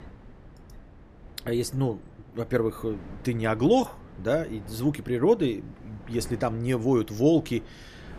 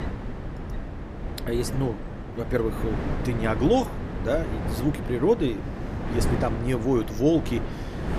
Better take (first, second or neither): first